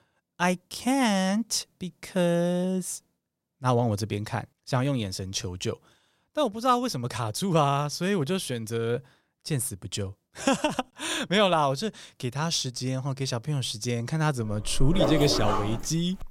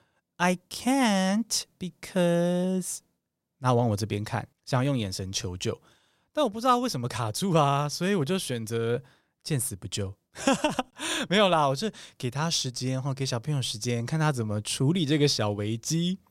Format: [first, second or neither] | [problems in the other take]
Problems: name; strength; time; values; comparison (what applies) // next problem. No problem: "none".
second | dog barking; loud; from 15 s on; peak 1 dB above the speech